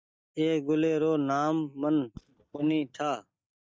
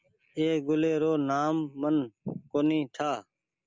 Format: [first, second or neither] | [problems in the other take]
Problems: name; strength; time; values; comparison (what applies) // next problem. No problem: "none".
second | noise reduction (neural mask model DeepFilterNet 3)